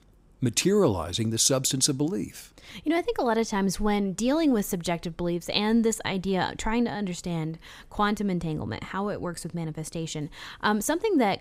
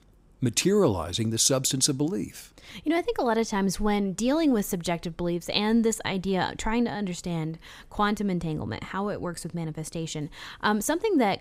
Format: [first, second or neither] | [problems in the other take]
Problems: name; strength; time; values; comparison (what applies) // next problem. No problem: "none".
neither | none